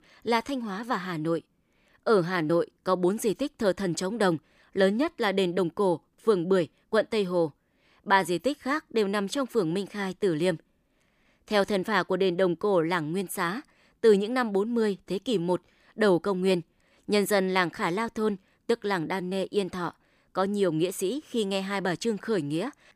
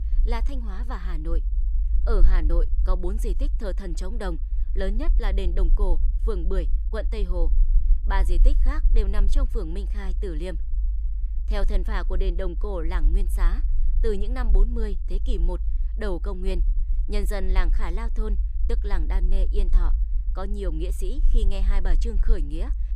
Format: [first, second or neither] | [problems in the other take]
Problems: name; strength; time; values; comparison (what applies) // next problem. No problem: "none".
first | low rumble; noticeable; throughout; 15 dB below the speech